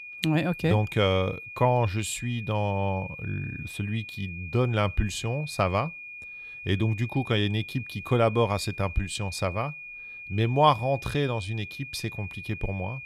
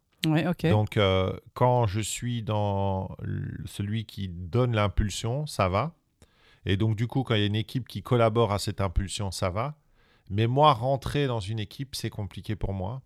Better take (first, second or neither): second